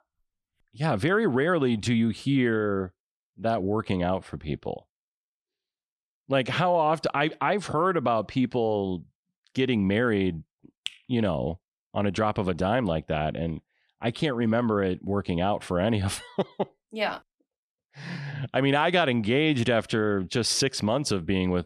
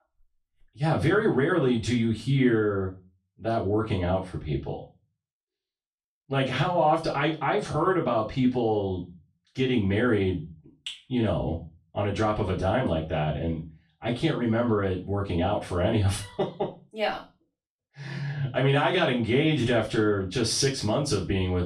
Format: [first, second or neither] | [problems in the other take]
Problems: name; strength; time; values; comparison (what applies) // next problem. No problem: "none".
first | off-mic speech; far // room echo; slight; dies away in 0.3 s